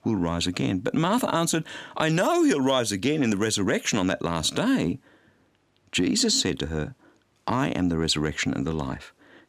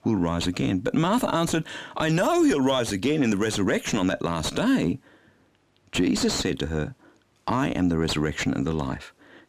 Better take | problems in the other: first | distortion; slight; 10 dB below the speech

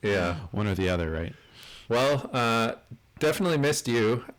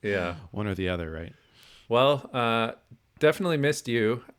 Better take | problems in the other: second | distortion; heavy; 7 dB below the speech

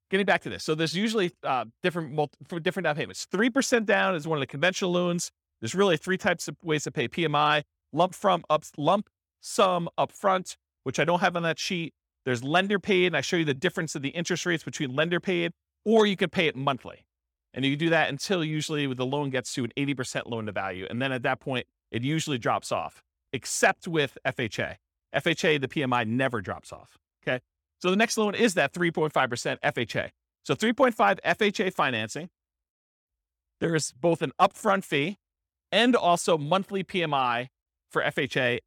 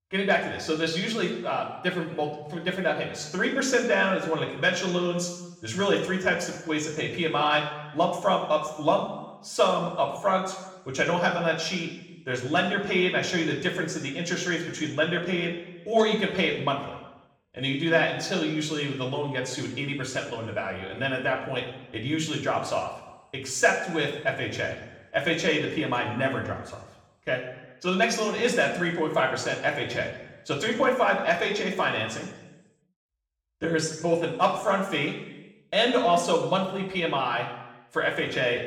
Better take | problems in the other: first | room echo; noticeable; dies away in 0.9 s // off-mic speech; somewhat distant

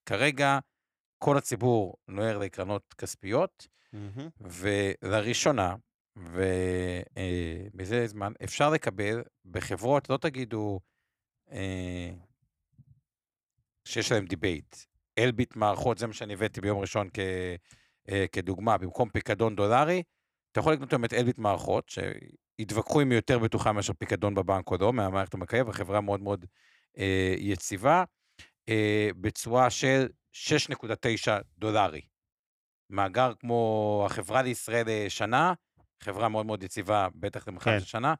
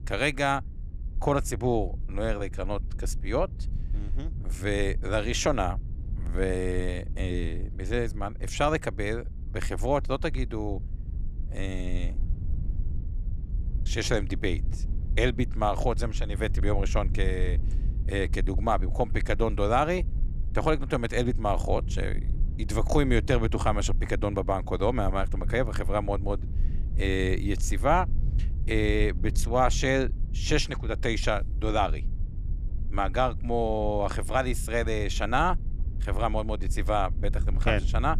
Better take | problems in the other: first | low rumble; faint; throughout; 20 dB below the speech

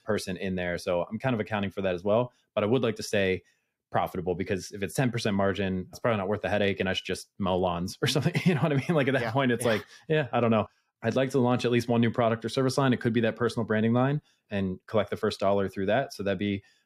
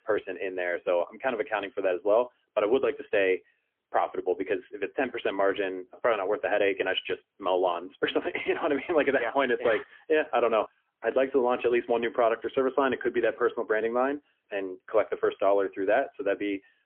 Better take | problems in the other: first | phone-call audio; poor line; nothing above 3.5 kHz

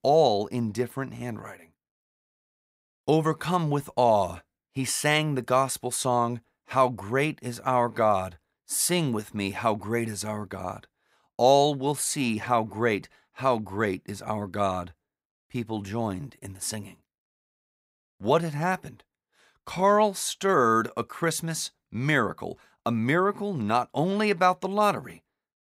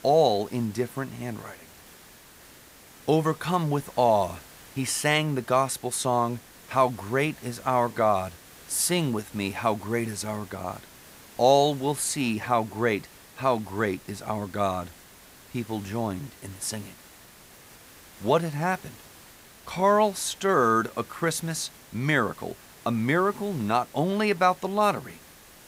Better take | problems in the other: first | hiss; faint; throughout; 20 dB below the speech

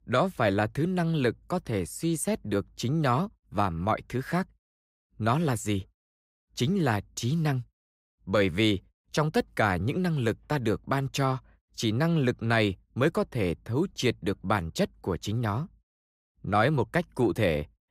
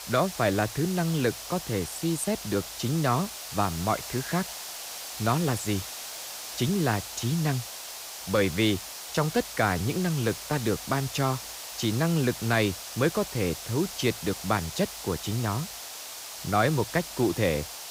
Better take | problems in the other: first | hiss; loud; throughout; 8 dB below the speech

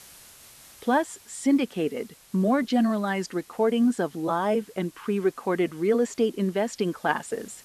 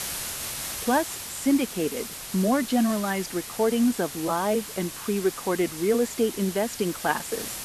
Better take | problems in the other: first | hiss; loud; throughout; 8 dB below the speech; faint in the first

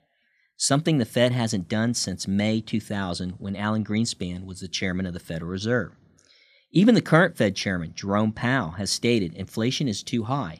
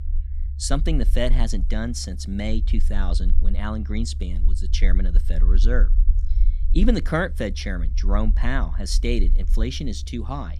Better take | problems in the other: first | low rumble; noticeable; throughout; 20 dB below the speech

